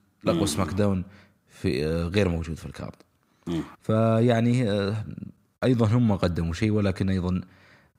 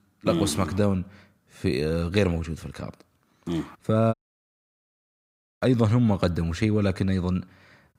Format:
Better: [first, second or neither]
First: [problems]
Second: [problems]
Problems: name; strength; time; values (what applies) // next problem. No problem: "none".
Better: first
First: none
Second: audio cutting out; at 4 s for 1.5 s